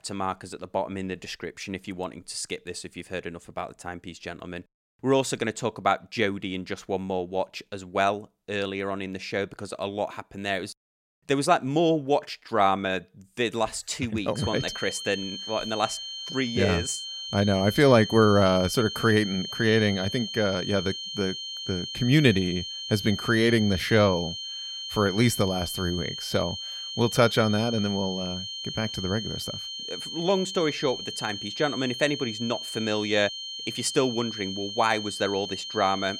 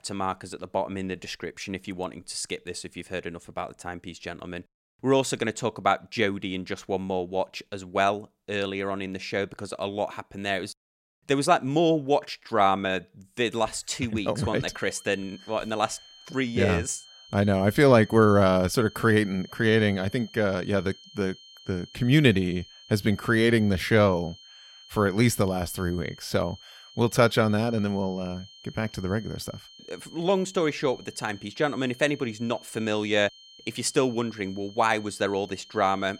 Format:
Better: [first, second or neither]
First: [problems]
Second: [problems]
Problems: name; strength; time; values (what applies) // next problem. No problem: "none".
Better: second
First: high-pitched whine; loud; from 14 s on; 3 kHz, 7 dB below the speech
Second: high-pitched whine; faint; from 14 s on; 3 kHz, 20 dB below the speech